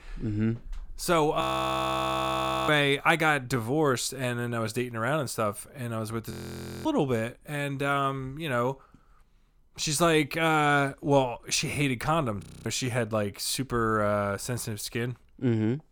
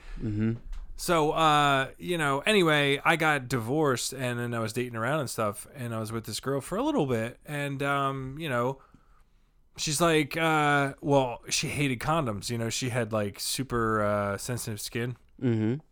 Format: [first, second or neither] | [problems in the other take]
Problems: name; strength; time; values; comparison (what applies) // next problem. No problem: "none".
second | audio freezing; at 1.5 s for 1.5 s, at 6.5 s for 0.5 s and at 12 s